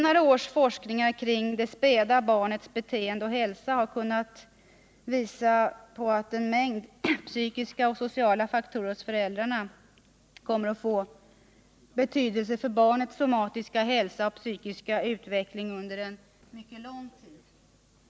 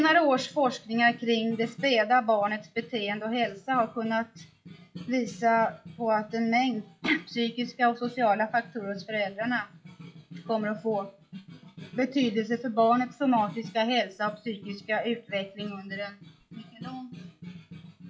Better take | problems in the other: first | noise reduction (classical method WPE with log-MMSE)

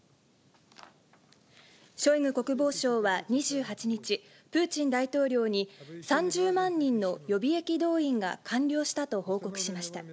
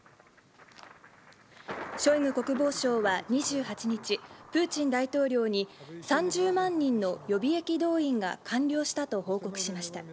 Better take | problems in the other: first | background sound (Thunder); 18 dB below the speech

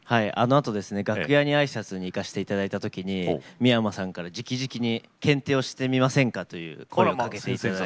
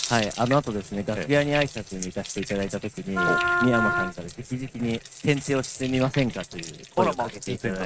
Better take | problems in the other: first | noise reduction (neural mask model RNNoise)

